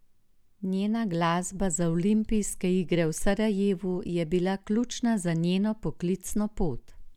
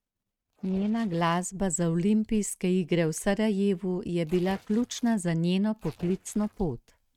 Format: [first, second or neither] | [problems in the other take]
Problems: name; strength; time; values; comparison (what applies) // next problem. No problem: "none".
first | noise reduction (neural mask model RNNoise)